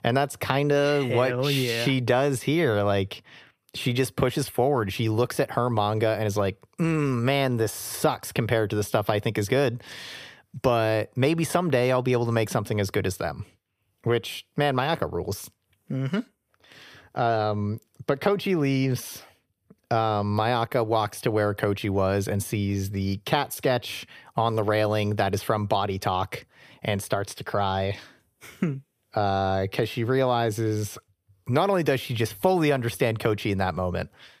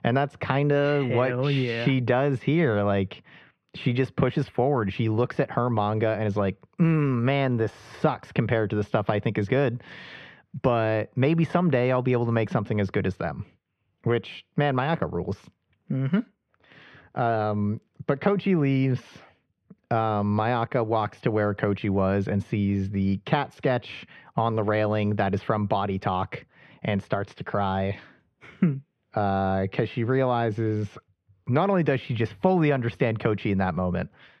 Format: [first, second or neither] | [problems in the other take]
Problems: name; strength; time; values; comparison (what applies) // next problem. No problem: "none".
first | muffled; slightly; fading above 2.5 kHz